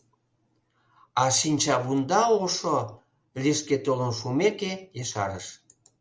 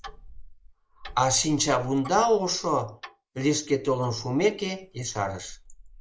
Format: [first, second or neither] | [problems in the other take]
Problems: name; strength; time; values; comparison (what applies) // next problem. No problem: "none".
first | noise reduction (neural mask model Resemble Enhance denoiser)